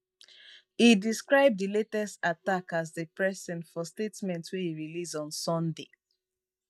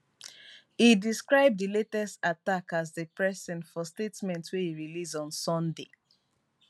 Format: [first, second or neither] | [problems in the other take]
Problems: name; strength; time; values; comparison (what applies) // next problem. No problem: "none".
second | noise reduction (neural mask model DeepFilterNet 3)